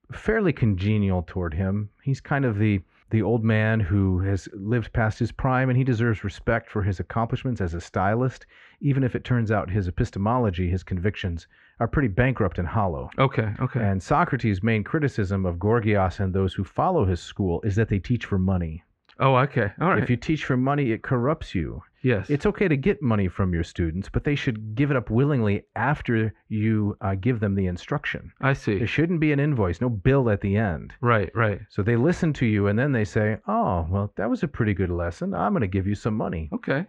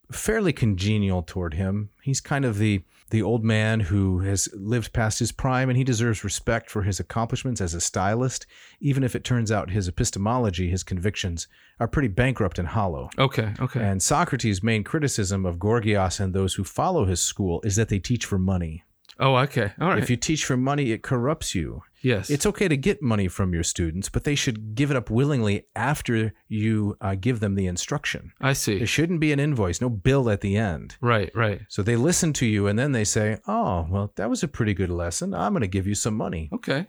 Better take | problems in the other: second | muffled; very; fading above 2 kHz

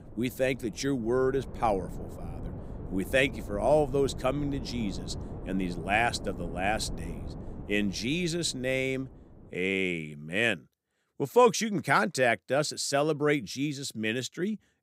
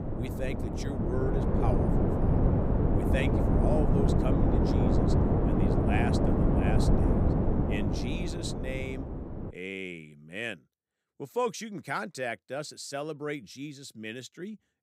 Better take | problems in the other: first | wind noise on the microphone; heavy; until 9.5 s; 4 dB above the speech; occasional gusts in the first

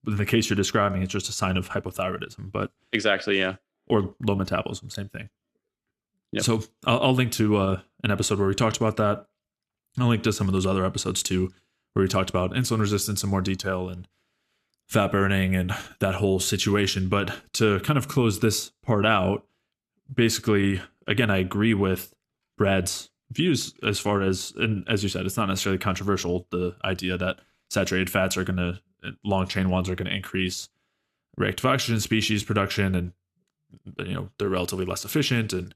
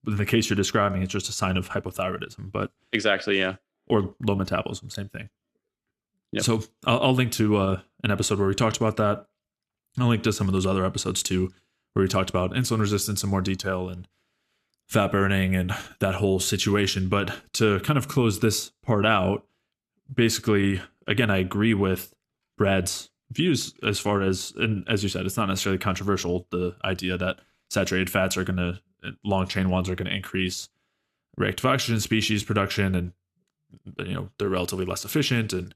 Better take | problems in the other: neither | none

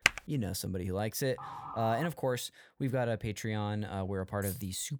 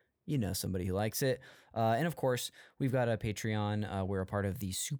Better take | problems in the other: second | keyboard typing; very faint; at the start; peak 6 dB above the speech // siren; noticeable; at 1.5 s; peak 8 dB below the speech // jangling keys; noticeable; at 4.5 s; peak 8 dB below the speech

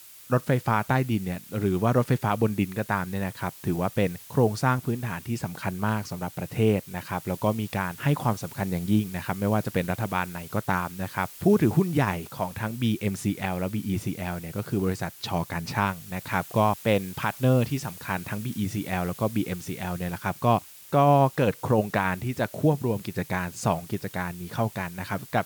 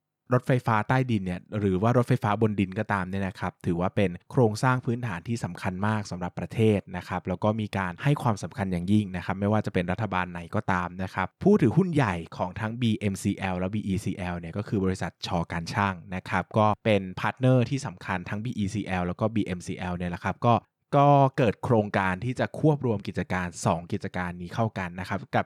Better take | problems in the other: second | hiss; noticeable; throughout; 15 dB below the speech

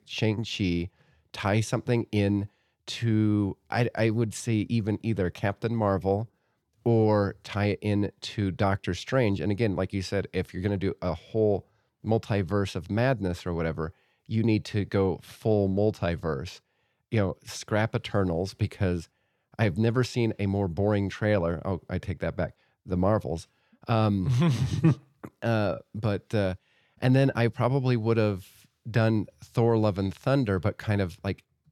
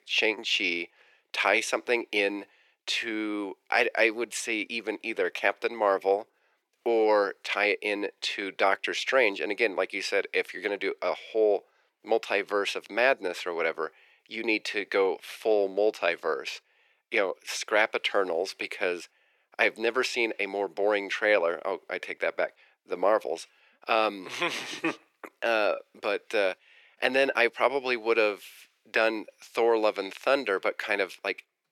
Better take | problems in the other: first | thin; very; fading below 400 Hz

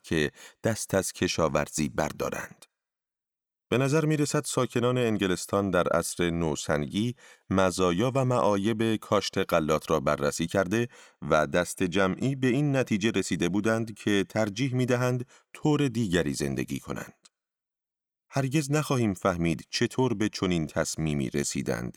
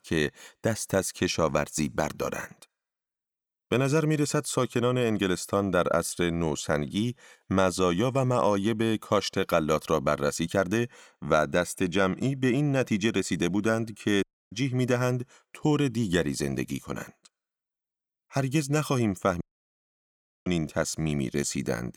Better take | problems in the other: first | audio cutting out; at 14 s and at 19 s for 1 s

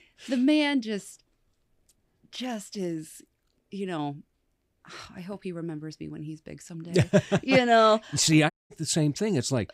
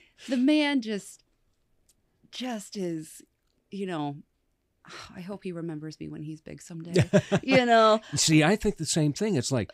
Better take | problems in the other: second | audio cutting out; at 8.5 s

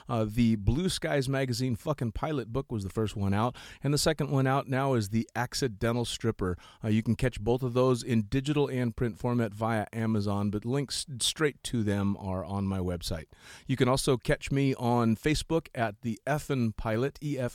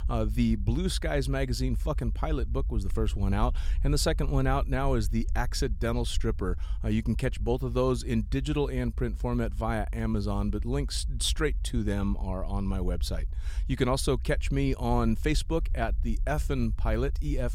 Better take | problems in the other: first | low rumble; faint; throughout; 25 dB below the speech

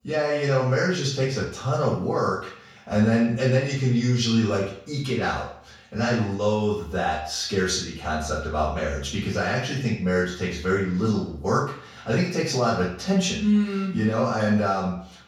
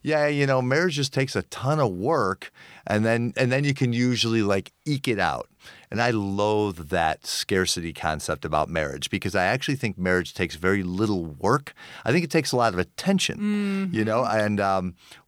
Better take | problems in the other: second | room echo; noticeable; dies away in 0.5 s // off-mic speech; far

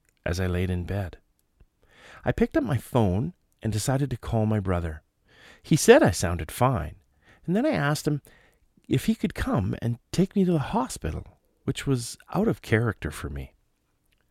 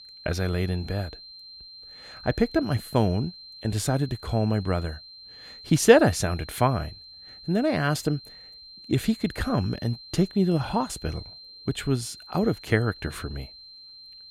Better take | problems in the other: first | high-pitched whine; noticeable; throughout; 4 kHz, 15 dB below the speech

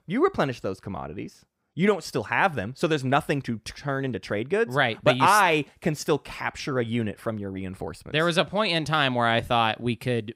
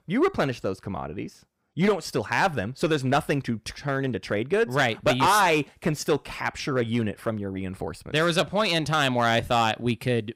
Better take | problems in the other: first | distortion; slight; 3% of the sound clipped

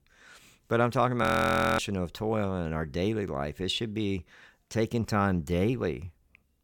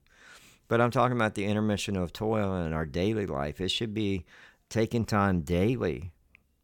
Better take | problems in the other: second | audio freezing; at 1 s for 0.5 s

